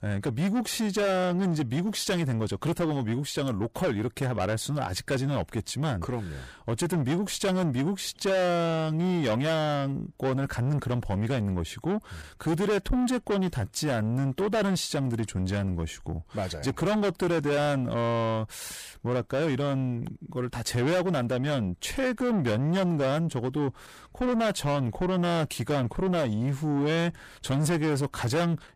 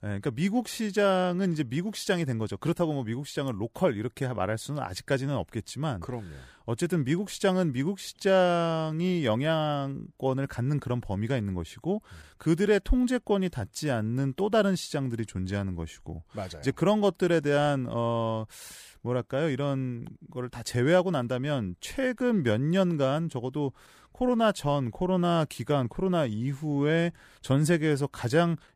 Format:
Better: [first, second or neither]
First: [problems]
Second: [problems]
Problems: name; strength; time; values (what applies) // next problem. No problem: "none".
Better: second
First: distortion; heavy; 7 dB below the speech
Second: none